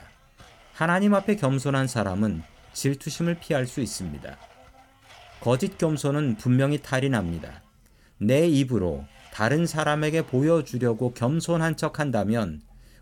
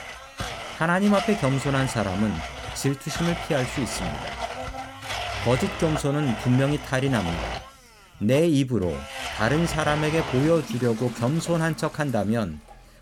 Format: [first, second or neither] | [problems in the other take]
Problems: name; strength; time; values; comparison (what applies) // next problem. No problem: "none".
first | household noises; loud; throughout; 8 dB below the speech; faint in the first